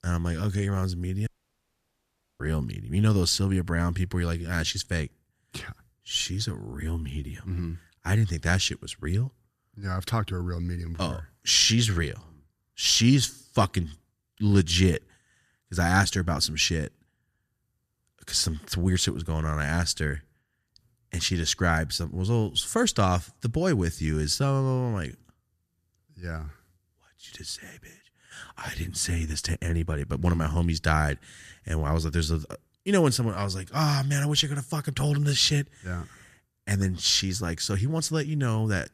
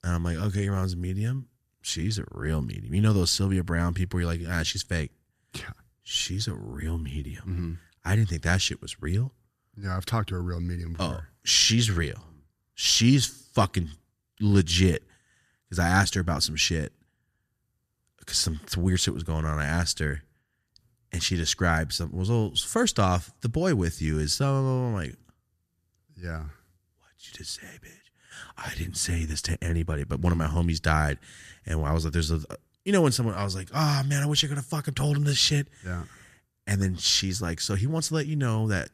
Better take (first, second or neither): second